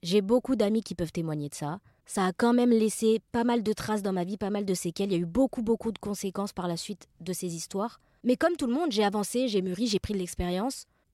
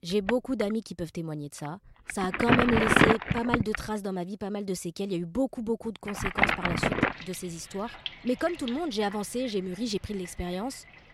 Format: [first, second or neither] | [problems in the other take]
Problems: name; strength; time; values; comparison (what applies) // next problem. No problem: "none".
first | household noises; very loud; throughout; 5 dB above the speech